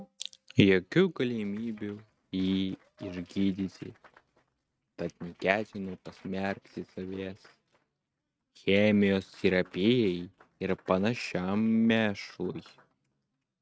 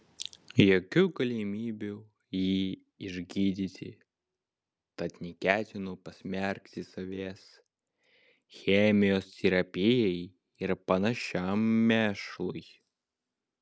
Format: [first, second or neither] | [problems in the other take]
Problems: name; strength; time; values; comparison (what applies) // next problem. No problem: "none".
second | noise reduction (neural mask model RNNoise)